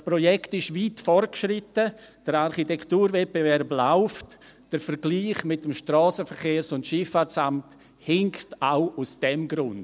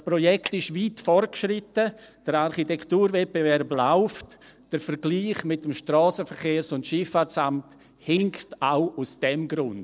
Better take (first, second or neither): first